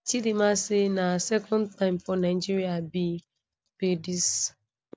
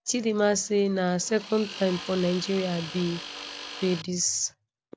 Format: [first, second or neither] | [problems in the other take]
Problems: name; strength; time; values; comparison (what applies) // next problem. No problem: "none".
first | background sound (Tools); 12 dB below the speech